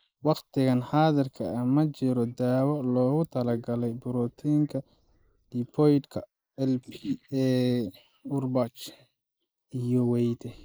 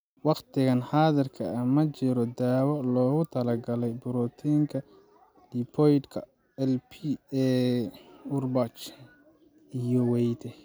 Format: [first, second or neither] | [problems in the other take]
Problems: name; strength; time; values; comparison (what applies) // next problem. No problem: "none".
second | noise reduction (neural mask model Resemble Enhance denoiser)